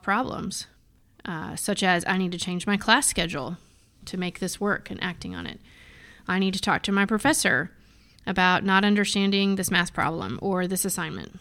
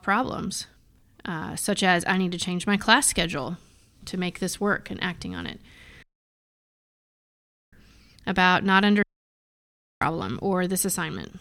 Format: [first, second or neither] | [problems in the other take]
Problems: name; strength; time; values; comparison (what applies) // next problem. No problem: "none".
first | audio cutting out; at 6 s for 1.5 s and at 9 s for 1 s